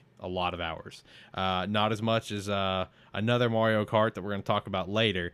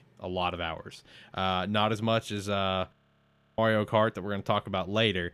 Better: first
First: none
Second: audio freezing; at 3 s for 0.5 s

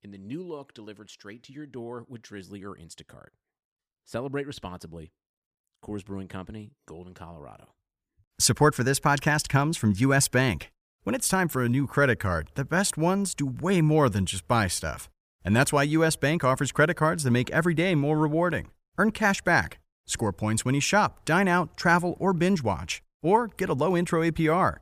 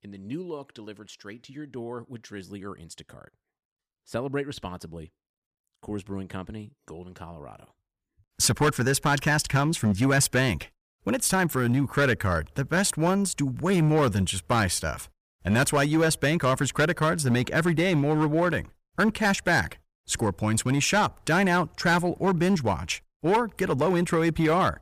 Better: first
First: none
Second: distortion; slight; 5% of the sound clipped

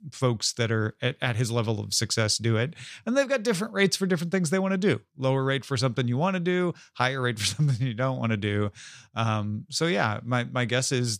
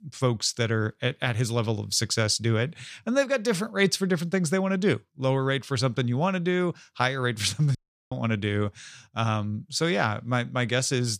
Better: first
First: none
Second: audio cutting out; at 8 s

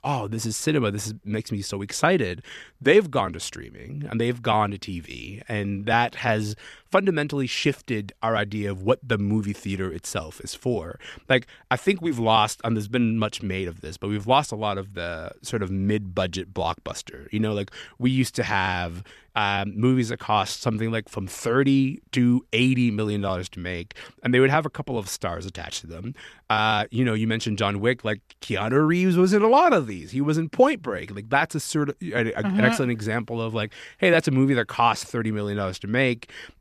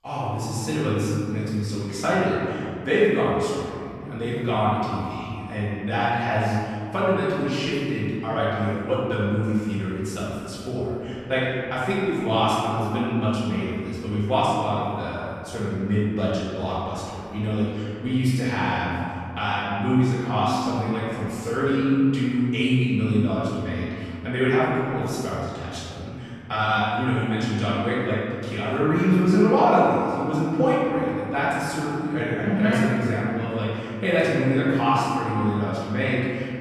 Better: first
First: none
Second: room echo; strong; dies away in 2.5 s // off-mic speech; far

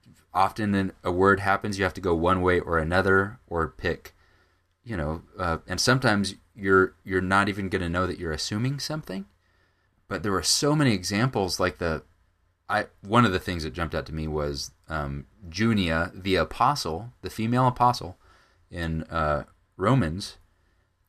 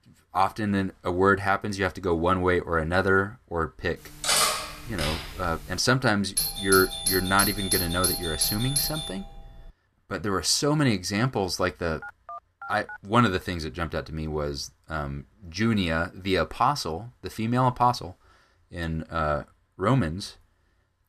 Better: first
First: none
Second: clattering dishes; loud; from 4 to 5.5 s; peak 5 dB above the speech // doorbell; loud; from 6.5 to 9.5 s; peak 2 dB above the speech // phone ringing; faint; at 12 s; peak 15 dB below the speech

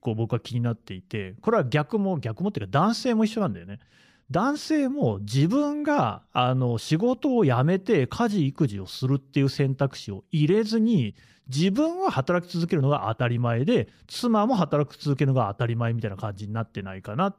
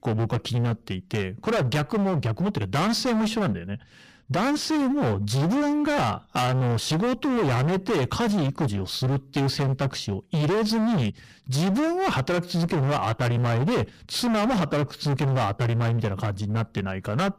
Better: first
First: none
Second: distortion; heavy; 33% of the sound clipped

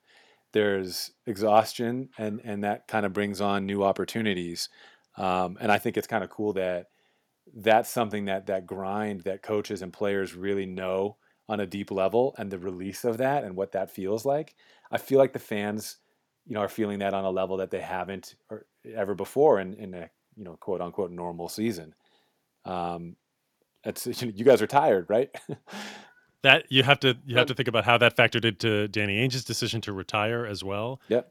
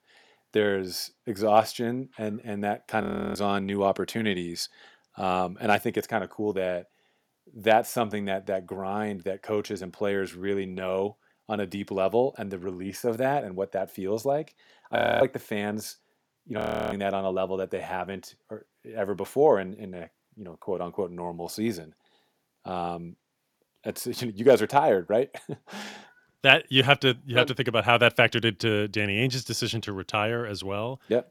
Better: first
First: none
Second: audio freezing; at 3 s, at 15 s and at 17 s

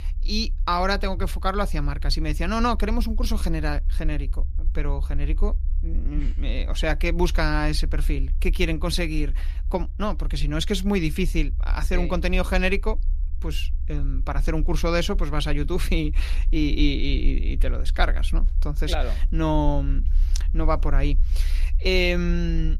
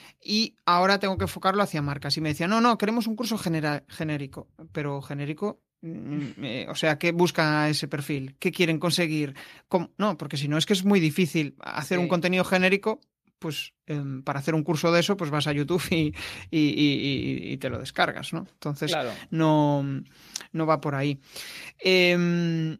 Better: second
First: low rumble; faint; throughout; 25 dB below the speech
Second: none

